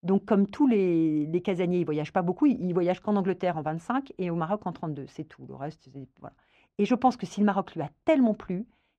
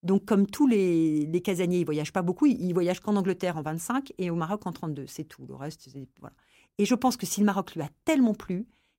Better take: second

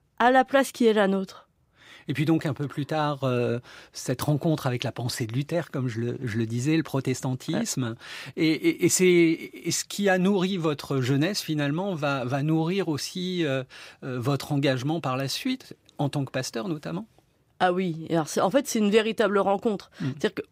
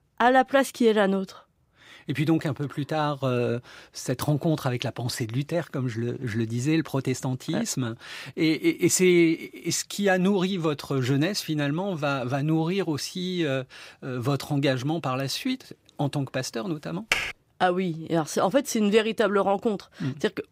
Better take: first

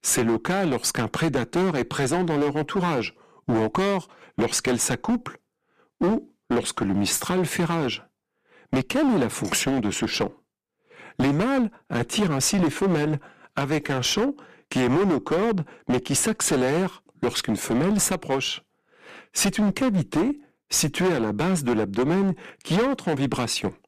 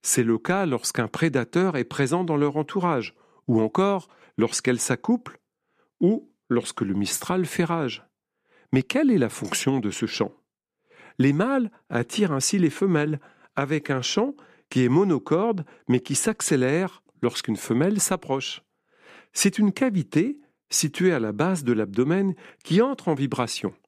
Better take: second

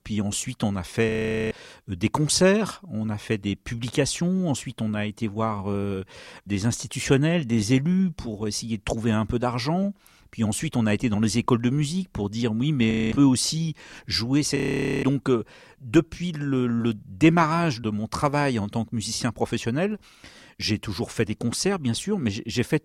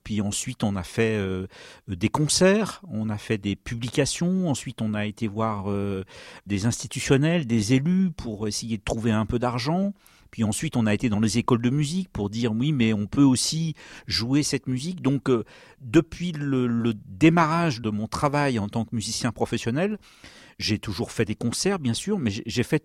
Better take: second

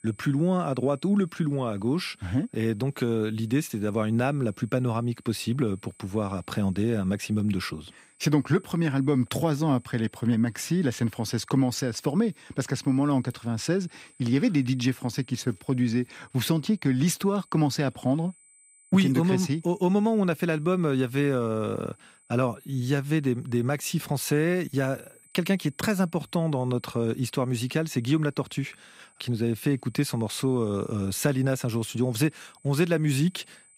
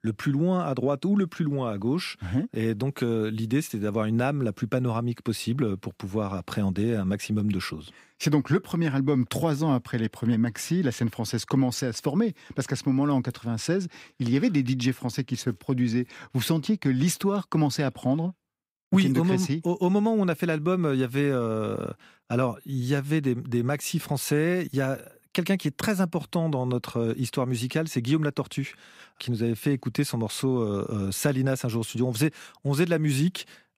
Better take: second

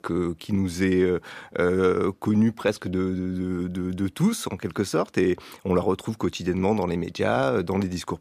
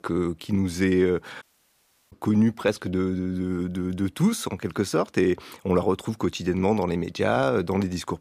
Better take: first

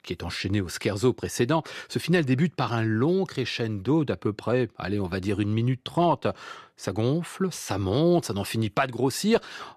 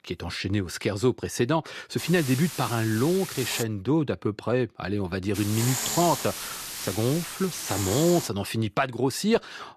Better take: first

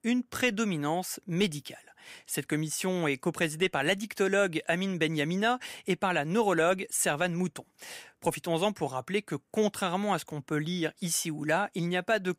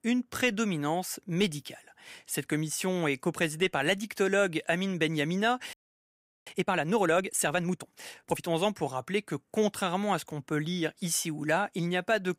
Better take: first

